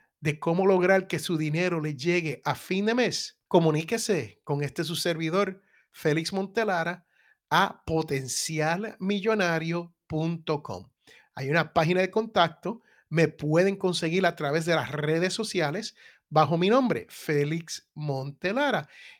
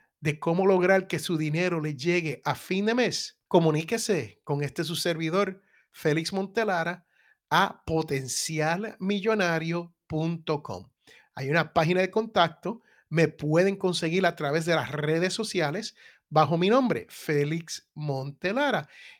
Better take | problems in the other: neither | none

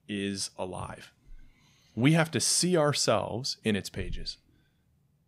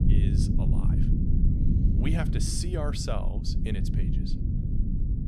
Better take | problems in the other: first | low rumble; loud; throughout; 2 dB below the speech

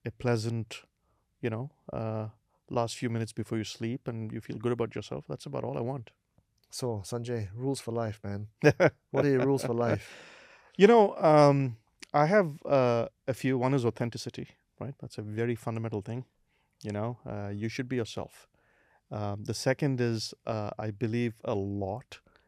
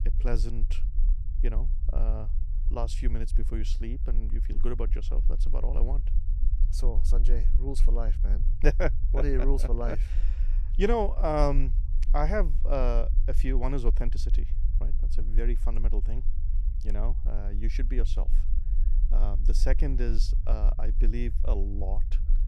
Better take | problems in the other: first | low rumble; noticeable; throughout; 20 dB below the speech

